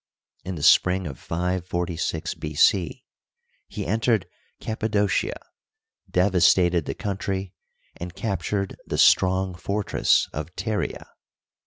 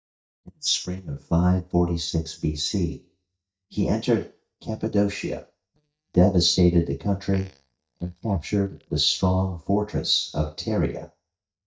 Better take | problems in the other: first | noise reduction (neural mask model DeepFilterNet 3)

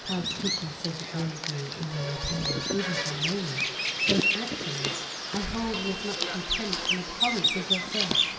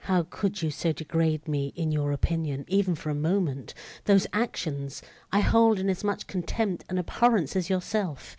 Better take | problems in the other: second | background sound (Bird vocalization, bird call, bird song); 3 dB above the speech // room echo; dies away in 2.8 s

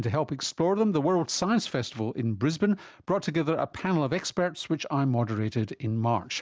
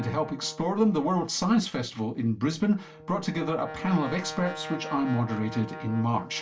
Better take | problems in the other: first | background sound (Brass instrument); 14 dB below the speech // room echo; dies away in 0.2 s

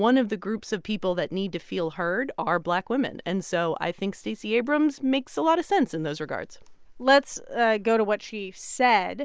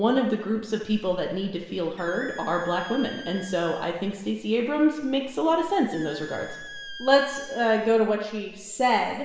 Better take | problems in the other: first | background sound (Squeak); 19 dB below the speech // room echo; dies away in 1.3 s

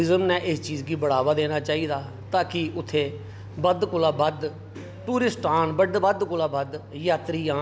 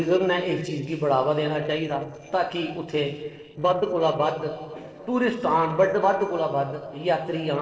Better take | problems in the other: first | noise reduction (neural separator model SepFormer DNS4)

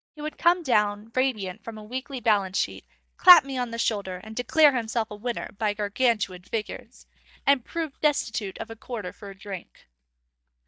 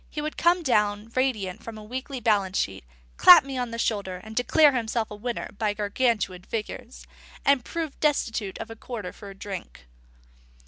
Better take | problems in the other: second | noise reduction (neural mask model DeepFilterNet 3)

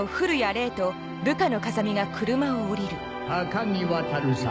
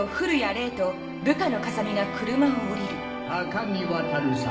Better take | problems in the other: first | background sound (Bowed string instrument); 12 dB below the speech // room echo; dies away in 0.6 s

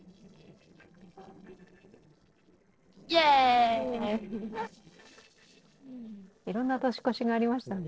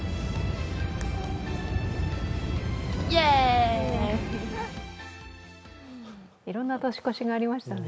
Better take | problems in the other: second | noise reduction (neural separator model SepFormer DNS4)

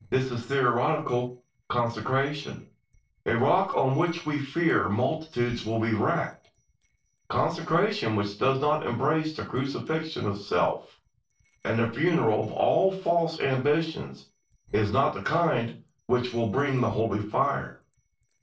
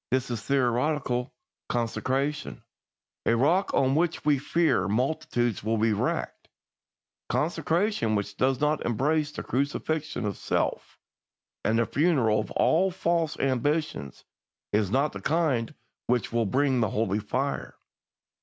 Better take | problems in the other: second | noise reduction (neural separator model SepFormer DNS4)

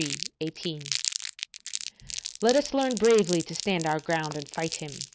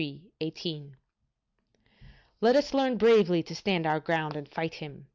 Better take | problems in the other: second | background sound (Crumpling, crinkling); 8 dB below the speech

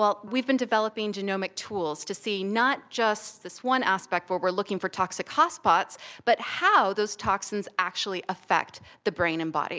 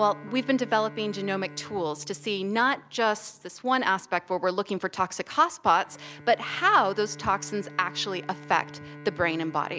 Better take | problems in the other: first | background sound (Bowed string instrument); 19 dB below the speech

